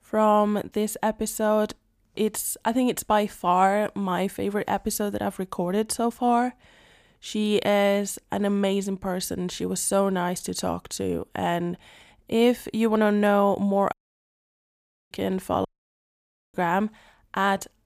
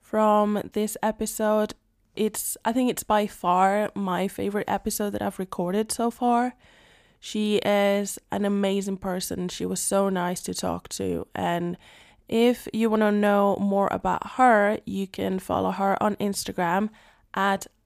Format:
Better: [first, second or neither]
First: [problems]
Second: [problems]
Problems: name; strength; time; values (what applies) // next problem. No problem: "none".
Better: second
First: audio cutting out; at 14 s for 1 s and at 16 s for 1 s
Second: none